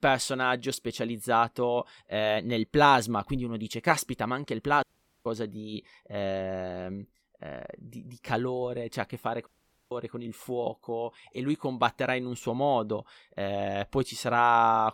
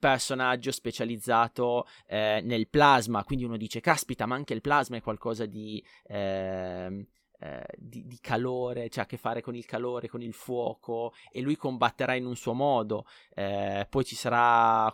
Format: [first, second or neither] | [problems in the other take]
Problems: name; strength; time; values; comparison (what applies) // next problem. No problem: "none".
second | audio cutting out; at 5 s and at 9.5 s